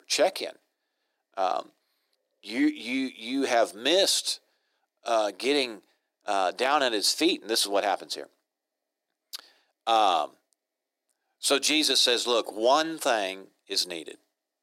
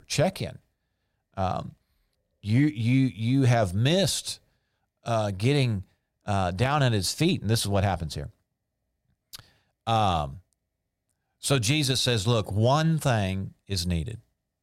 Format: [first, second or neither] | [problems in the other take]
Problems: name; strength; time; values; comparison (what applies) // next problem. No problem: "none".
second | thin; somewhat; fading below 300 Hz